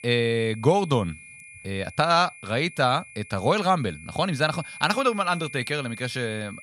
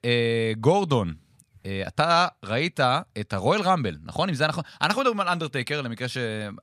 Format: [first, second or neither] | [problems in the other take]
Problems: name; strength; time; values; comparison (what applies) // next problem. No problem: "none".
second | high-pitched whine; noticeable; throughout; 2.5 kHz, 15 dB below the speech